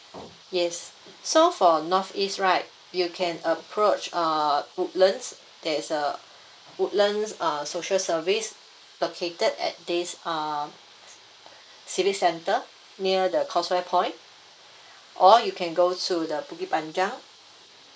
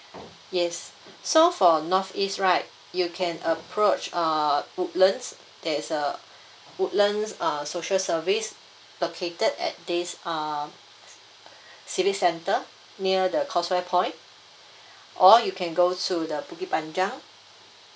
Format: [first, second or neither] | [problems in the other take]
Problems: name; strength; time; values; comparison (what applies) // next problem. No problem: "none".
second | noise reduction (neural mask model Resemble Enhance denoiser)